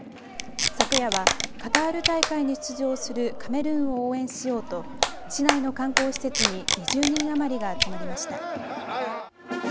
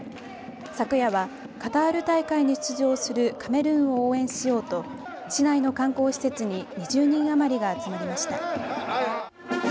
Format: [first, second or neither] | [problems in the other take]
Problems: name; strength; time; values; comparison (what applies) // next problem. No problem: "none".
second | background sound (Packing tape, duct tape + Hands); as loud as the speech